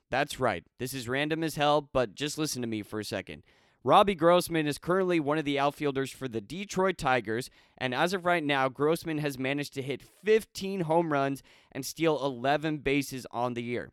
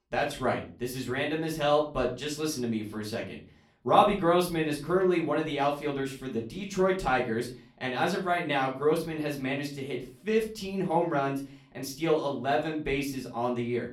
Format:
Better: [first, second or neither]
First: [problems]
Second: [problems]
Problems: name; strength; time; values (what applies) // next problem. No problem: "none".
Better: first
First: none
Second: room echo; slight; dies away in 0.3 s // off-mic speech; far